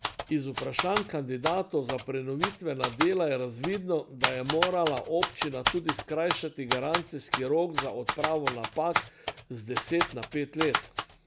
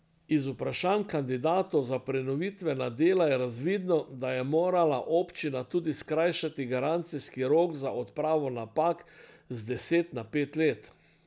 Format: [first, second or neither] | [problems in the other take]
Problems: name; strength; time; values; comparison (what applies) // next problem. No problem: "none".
second | background sound (Typewriter); 3 dB below the speech